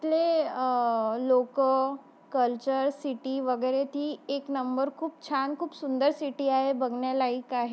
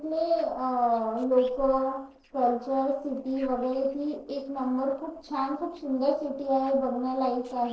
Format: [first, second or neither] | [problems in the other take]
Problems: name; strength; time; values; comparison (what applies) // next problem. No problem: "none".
first | noise reduction (neural separator model SepFormer DNS4)